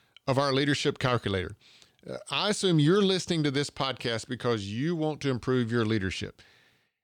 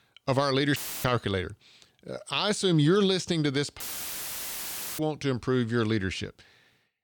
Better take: first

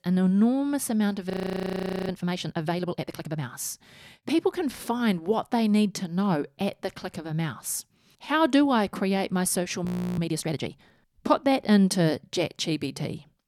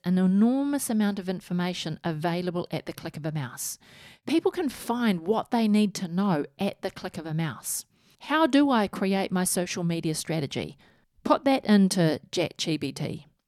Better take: second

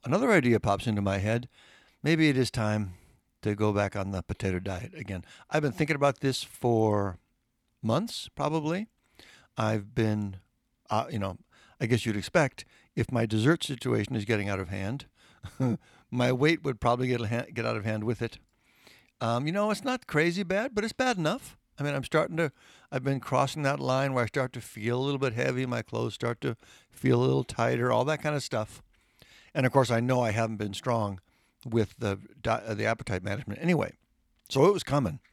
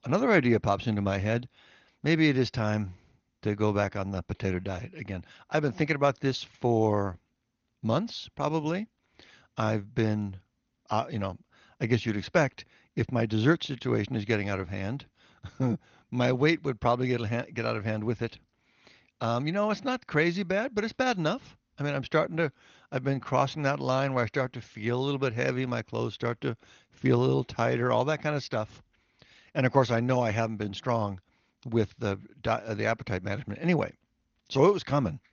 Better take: first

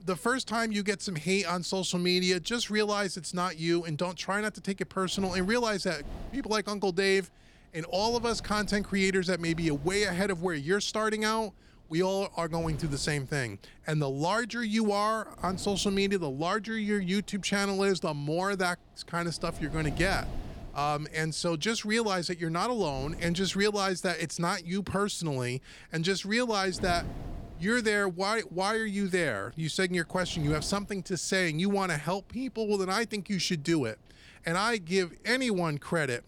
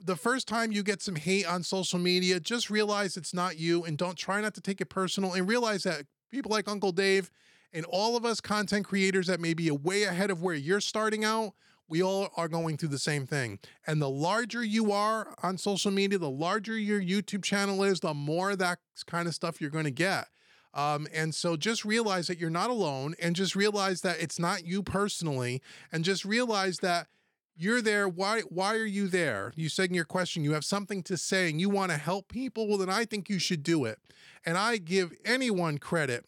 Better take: second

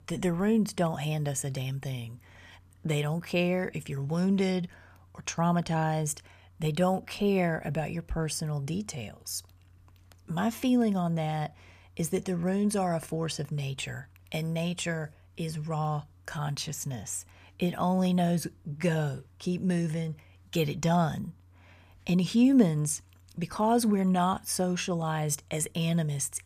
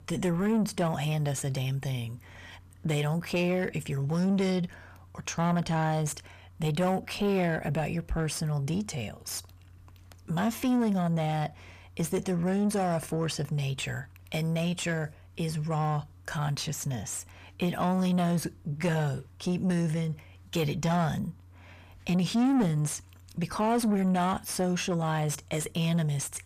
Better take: first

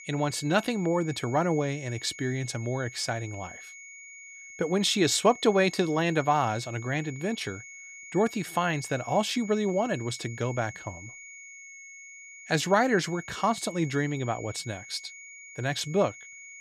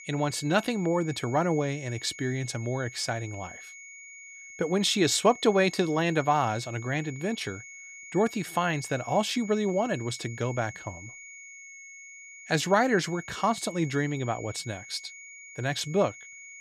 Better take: neither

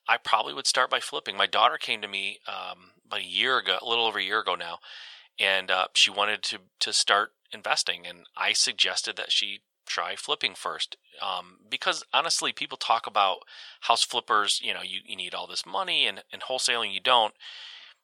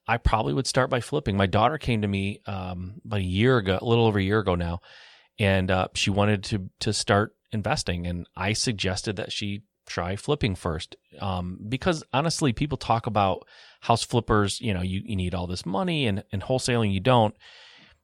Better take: second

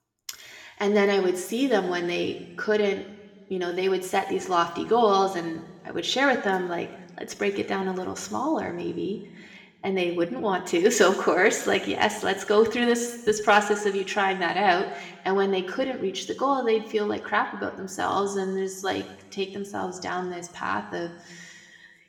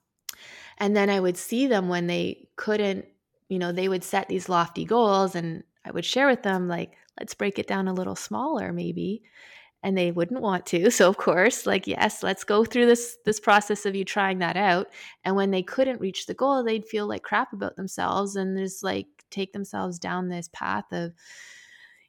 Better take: second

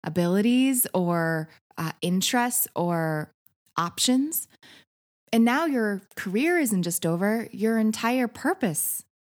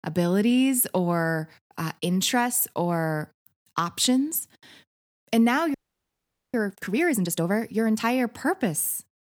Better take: first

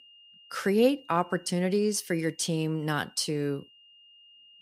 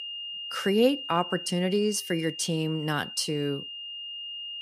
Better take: first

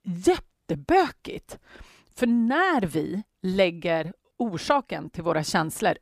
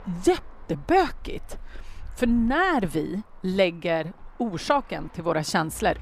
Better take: first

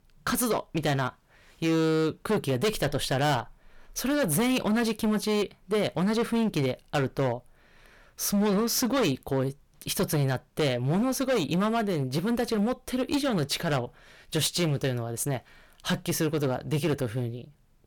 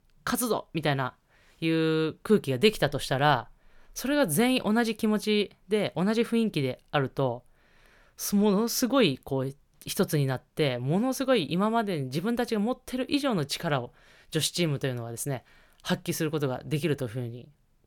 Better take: second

